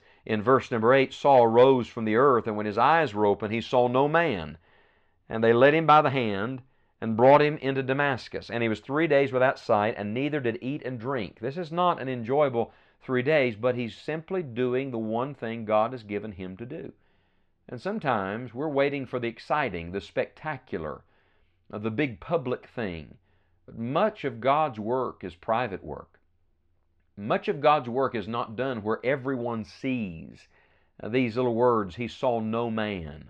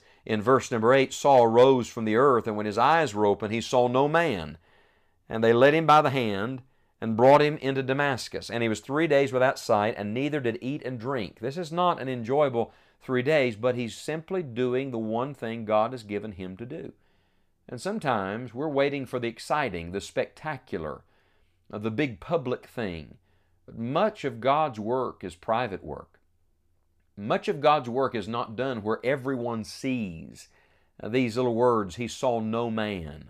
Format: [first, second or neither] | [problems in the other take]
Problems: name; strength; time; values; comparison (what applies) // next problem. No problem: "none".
second | muffled; slightly; fading above 3 kHz